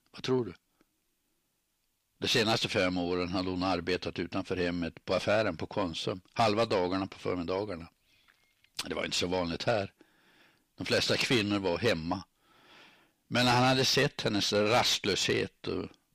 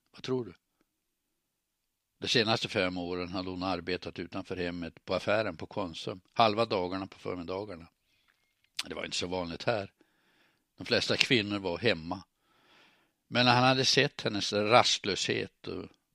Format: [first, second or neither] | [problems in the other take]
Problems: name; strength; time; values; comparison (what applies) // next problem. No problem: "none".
second | distortion; heavy; 7 dB below the speech